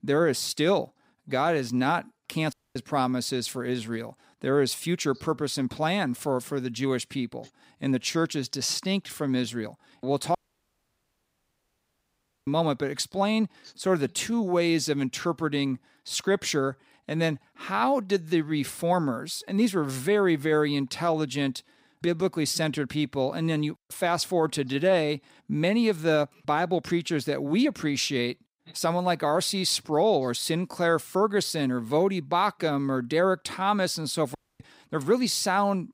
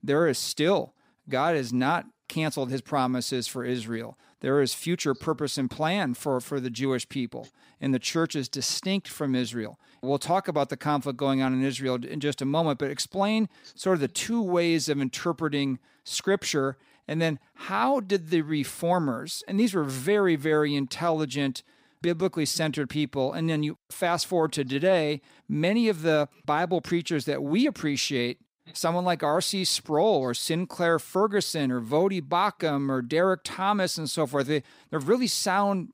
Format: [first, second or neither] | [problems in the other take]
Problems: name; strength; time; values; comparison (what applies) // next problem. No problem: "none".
second | audio cutting out; at 2.5 s, at 10 s for 2 s and at 34 s